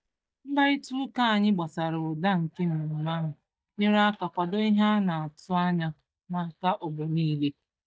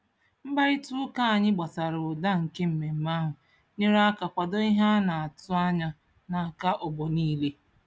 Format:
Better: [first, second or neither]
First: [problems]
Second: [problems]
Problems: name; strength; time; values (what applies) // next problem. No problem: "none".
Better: second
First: noise reduction (neural mask model DeepFilterNet 3)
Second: none